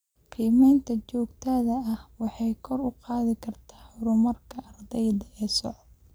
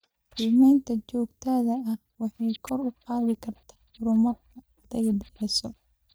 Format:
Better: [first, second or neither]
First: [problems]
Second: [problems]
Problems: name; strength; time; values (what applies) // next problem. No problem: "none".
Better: first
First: none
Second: noise reduction (neural mask model DeepFilterNet 3)